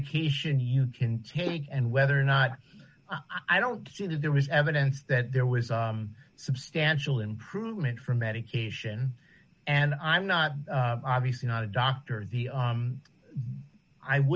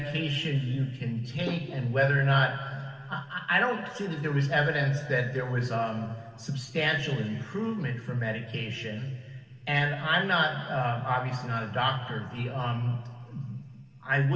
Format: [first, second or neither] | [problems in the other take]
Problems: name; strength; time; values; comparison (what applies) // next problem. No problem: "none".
first | room echo; dies away in 2 s